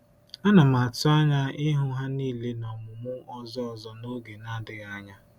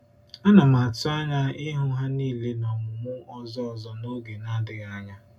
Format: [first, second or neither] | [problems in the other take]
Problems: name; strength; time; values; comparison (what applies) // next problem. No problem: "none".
first | room echo; dies away in 0.2 s